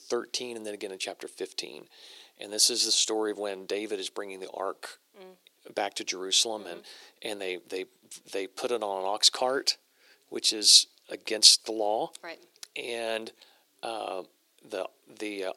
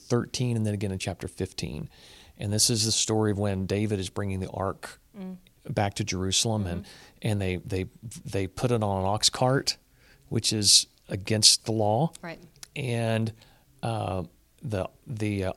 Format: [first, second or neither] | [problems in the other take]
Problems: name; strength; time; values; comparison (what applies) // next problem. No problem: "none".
second | thin; very; fading below 350 Hz